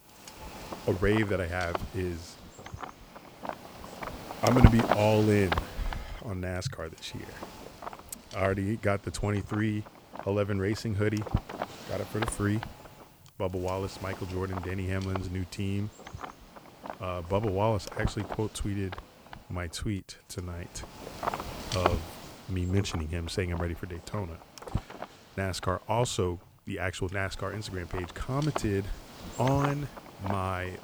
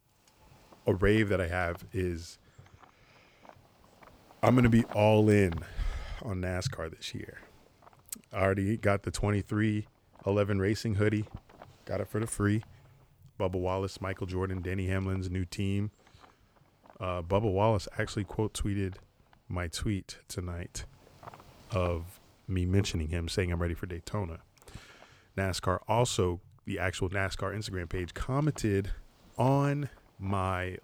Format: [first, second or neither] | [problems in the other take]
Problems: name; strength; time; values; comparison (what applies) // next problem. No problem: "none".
second | wind noise on the microphone; heavy; 5 dB below the speech; occasional gusts in the second